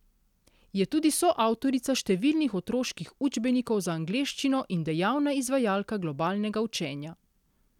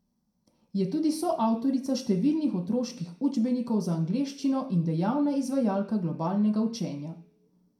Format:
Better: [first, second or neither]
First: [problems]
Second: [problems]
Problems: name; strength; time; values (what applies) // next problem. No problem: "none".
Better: first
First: none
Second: room echo; dies away in 0.4 s